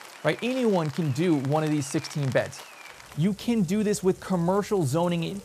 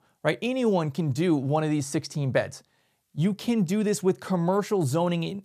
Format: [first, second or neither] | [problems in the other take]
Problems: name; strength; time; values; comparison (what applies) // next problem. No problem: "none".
second | rain or running water; noticeable; throughout; 20 dB below the speech